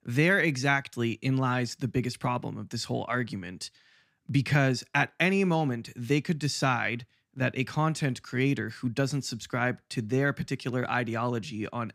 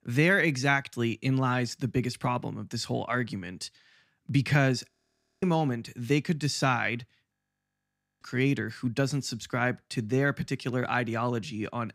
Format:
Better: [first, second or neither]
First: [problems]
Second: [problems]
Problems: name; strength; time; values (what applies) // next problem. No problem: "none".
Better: first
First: none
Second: audio freezing; at 5 s for 0.5 s and at 7.5 s for 1 s